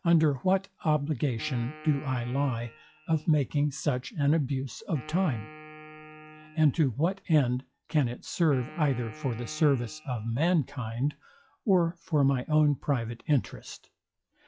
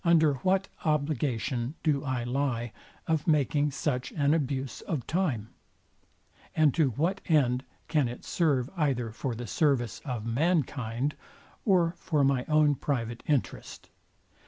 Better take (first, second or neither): second